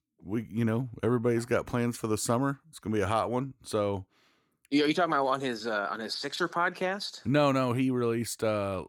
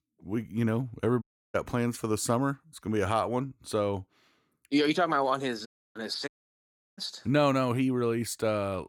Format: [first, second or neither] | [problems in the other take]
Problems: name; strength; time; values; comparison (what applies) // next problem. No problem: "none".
first | audio cutting out; at 1 s, at 5.5 s and at 6.5 s for 0.5 s